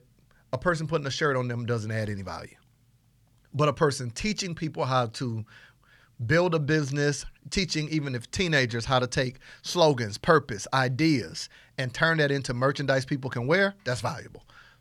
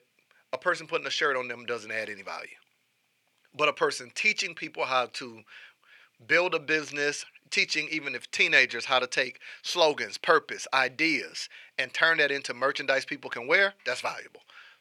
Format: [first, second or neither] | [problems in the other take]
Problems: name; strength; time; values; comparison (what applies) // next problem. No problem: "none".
first | thin; very; fading below 450 Hz